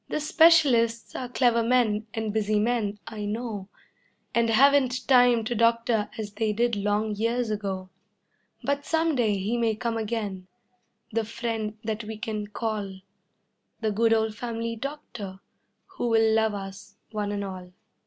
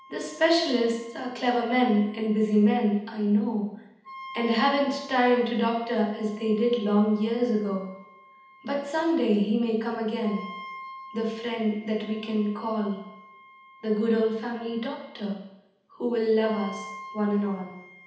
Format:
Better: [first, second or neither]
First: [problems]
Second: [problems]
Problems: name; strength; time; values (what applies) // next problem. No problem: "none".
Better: first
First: none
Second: background sound (Wind instrument, woodwind instrument); 20 dB below the speech // room echo; dies away in 0.8 s